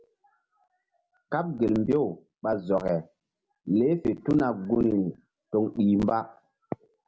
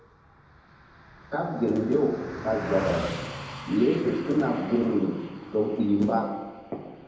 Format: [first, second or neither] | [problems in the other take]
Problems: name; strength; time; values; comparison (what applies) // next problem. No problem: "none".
first | background sound (Car passing by); 13 dB below the speech // room echo; dies away in 1 s